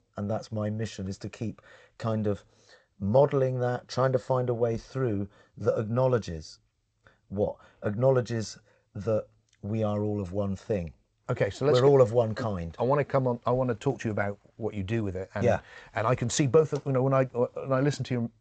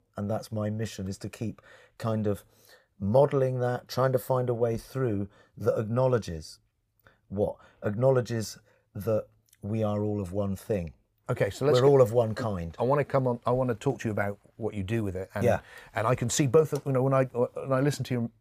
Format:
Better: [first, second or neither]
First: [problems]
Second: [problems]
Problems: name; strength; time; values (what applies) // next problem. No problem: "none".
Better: second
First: garbled, watery; slightly; nothing above 8 kHz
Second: none